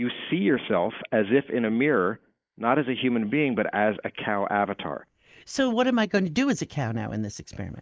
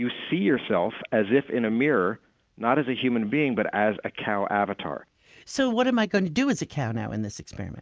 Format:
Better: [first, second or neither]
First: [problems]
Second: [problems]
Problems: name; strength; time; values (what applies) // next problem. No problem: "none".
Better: second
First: noise reduction (neural mask model Resemble Enhance denoiser)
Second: none